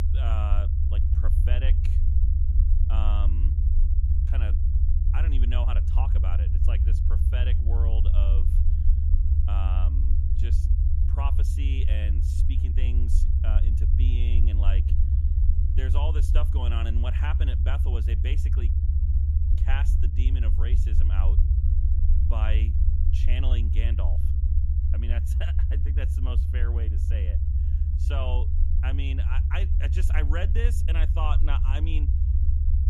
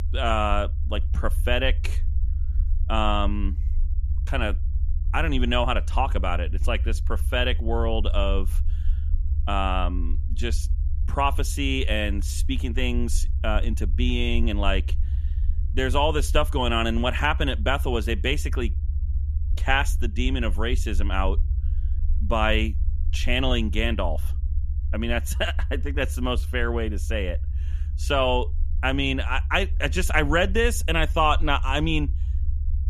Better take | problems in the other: second | low rumble; loud; throughout; 4 dB below the speech; faint in the second

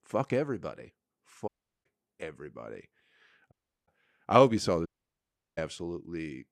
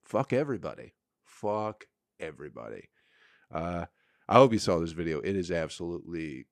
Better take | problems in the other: second | audio cutting out; at 1.5 s, at 3.5 s and at 5 s for 0.5 s

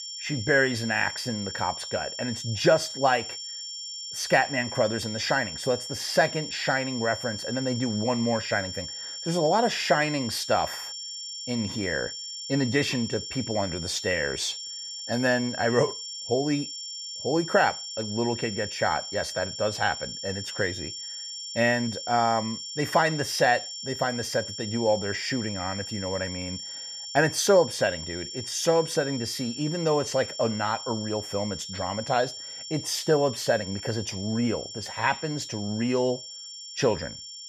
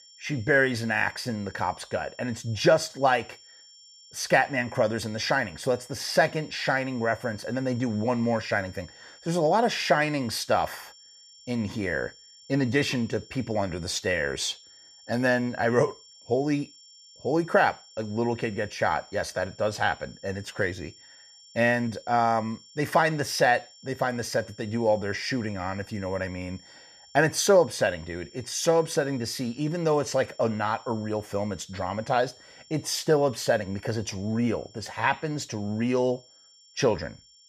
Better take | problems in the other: second | high-pitched whine; loud; throughout; 5.5 kHz, 7 dB below the speech; faint in the second

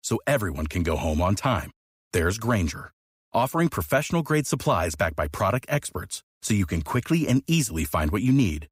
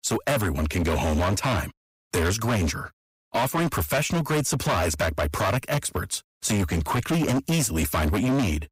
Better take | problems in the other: first | distortion; heavy; 23% of the sound clipped

